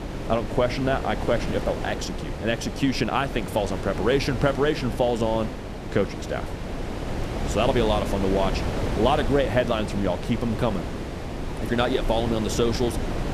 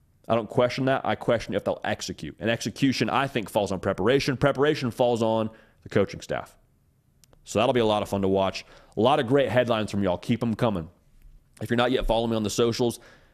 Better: second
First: wind noise on the microphone; heavy; 8 dB below the speech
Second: none

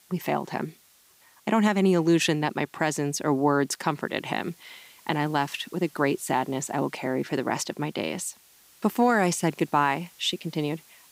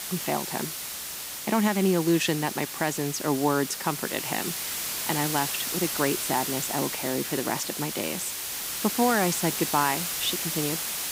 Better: first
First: hiss; faint; throughout; 25 dB below the speech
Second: hiss; loud; throughout; 2 dB below the speech

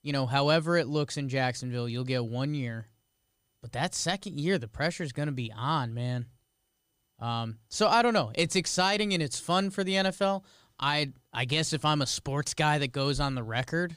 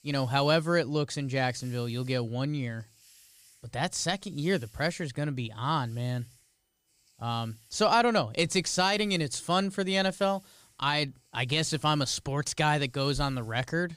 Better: first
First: none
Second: hiss; faint; throughout; 30 dB below the speech

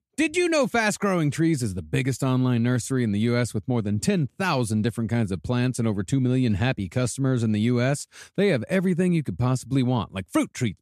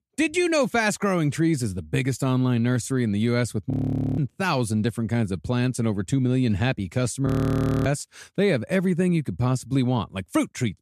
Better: first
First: none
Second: audio freezing; at 3.5 s and at 7.5 s for 0.5 s

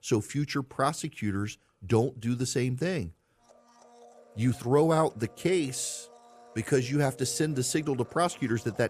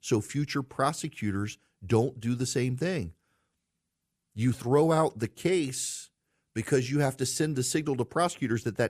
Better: second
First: household noises; faint; throughout; 25 dB below the speech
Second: none

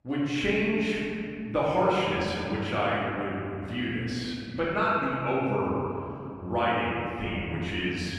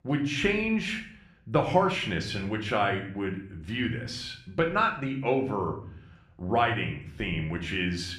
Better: second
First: room echo; strong; dies away in 2.7 s // off-mic speech; far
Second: room echo; slight; dies away in 0.6 s // off-mic speech; somewhat distant

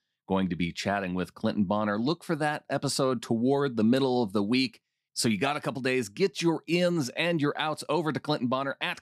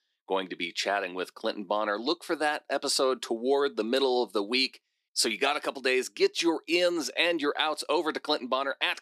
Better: first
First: none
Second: thin; somewhat; fading below 350 Hz

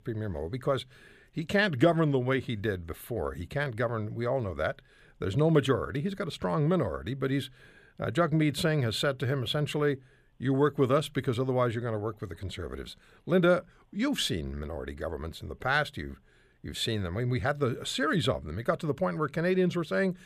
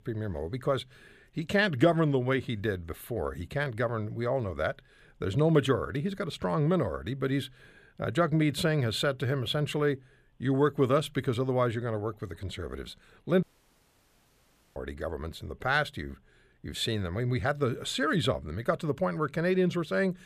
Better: first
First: none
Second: audio cutting out; at 13 s for 1.5 s

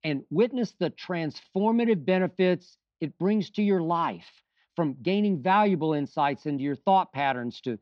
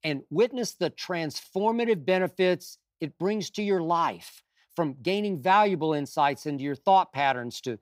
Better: second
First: muffled; very slightly; fading above 4 kHz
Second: none

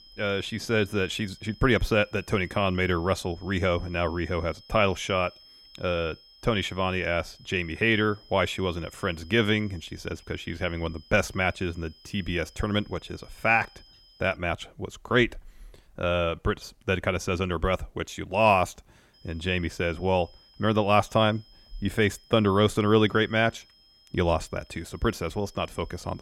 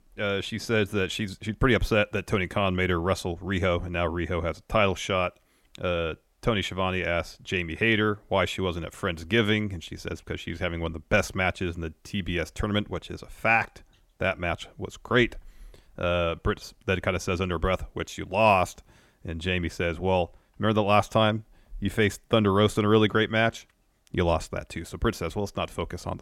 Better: second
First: high-pitched whine; faint; until 14 s and from 19 s on; 5 kHz, 25 dB below the speech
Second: none

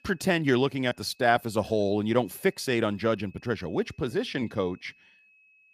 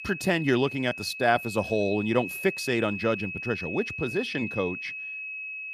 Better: first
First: high-pitched whine; faint; throughout; 2.5 kHz, 30 dB below the speech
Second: high-pitched whine; loud; throughout; 2.5 kHz, 7 dB below the speech

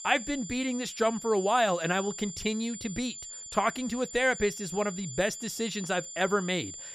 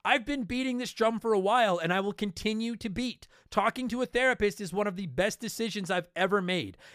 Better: second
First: high-pitched whine; loud; throughout; 7 kHz, 10 dB below the speech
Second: none

